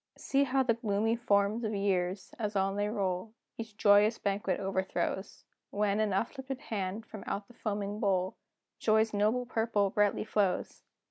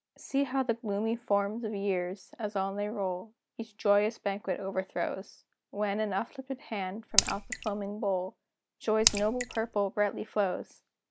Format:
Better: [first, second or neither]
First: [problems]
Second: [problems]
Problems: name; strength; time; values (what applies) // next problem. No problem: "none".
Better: first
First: none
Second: background sound (Raindrop / Splash, splatter); as loud as the speech